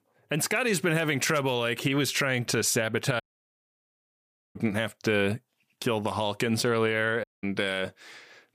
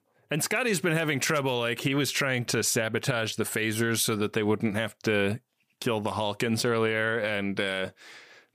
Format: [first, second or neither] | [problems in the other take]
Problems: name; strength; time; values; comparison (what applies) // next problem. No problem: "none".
second | audio cutting out; at 3 s for 1.5 s and at 7 s